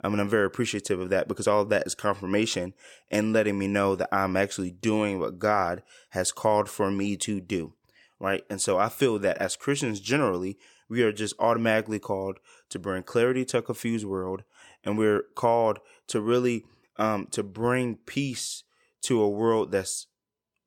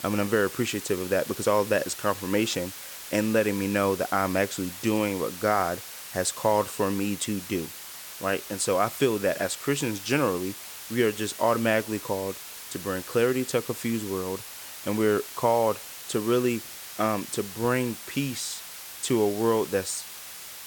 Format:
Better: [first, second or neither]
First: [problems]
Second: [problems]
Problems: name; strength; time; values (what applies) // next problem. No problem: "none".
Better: first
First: none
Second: hiss; noticeable; throughout; 10 dB below the speech